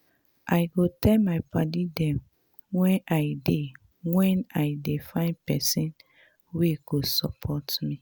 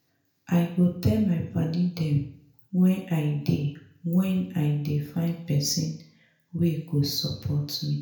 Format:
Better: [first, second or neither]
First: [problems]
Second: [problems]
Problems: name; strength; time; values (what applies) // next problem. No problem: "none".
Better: first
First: none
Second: room echo; dies away in 0.5 s